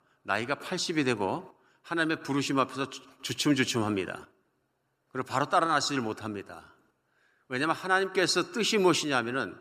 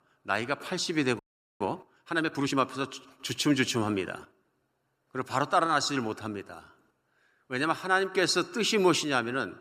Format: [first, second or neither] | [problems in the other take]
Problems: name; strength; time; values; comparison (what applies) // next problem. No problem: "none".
first | audio freezing; at 1 s